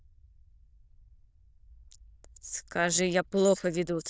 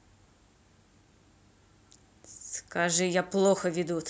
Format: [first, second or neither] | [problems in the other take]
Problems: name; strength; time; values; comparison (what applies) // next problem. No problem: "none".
second | noise reduction (neural diffusion model UNIVERSE++)